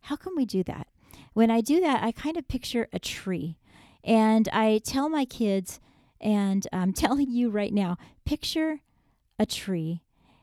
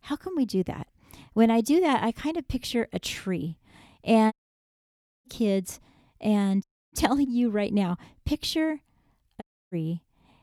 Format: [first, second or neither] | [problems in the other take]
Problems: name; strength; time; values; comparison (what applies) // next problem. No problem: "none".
first | audio cutting out; at 4.5 s for 1 s, at 6.5 s and at 9.5 s